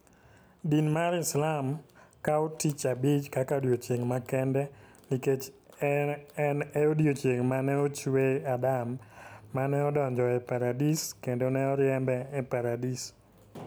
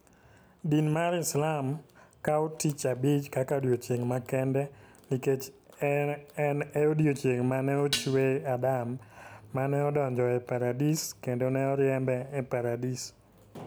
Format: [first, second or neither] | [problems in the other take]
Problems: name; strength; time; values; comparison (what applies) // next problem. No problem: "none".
first | background sound (Dishes, pots, and pans); 7 dB below the speech